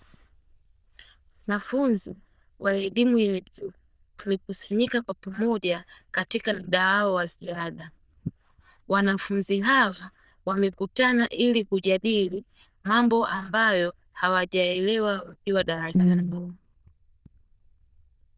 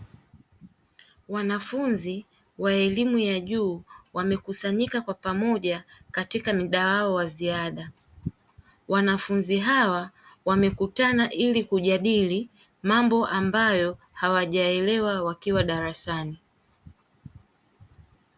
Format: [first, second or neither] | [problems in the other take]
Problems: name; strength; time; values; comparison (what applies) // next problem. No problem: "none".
second | noise reduction (neural diffusion model UNIVERSE++)